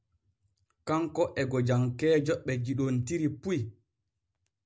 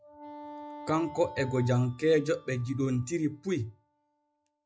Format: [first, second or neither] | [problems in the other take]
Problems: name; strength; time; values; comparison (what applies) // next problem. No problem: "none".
first | noise reduction (classical method log-MMSE)